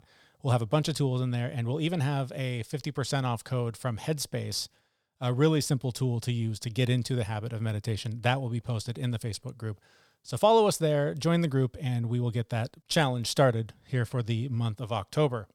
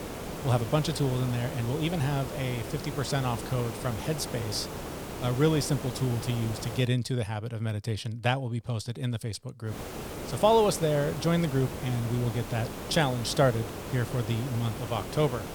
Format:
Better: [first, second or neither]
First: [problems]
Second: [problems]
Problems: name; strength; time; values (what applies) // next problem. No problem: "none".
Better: first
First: none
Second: hiss; loud; until 7 s and from 9.5 s on; 8 dB below the speech